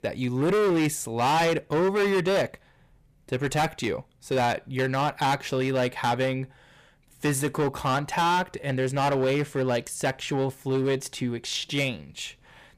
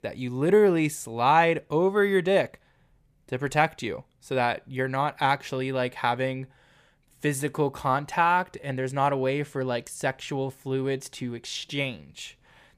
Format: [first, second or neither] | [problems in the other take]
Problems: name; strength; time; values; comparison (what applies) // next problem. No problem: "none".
second | distortion; heavy; 14% of the sound clipped